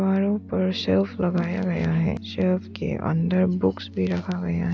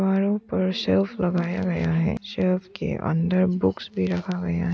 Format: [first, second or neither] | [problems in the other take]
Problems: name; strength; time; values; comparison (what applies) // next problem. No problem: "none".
second | background sound (Piano); 16 dB below the speech